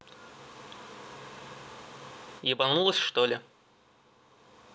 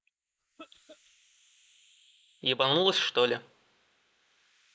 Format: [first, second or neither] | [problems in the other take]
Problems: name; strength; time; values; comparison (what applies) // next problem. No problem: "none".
first | noise reduction (neural mask model Resemble Enhance denoiser)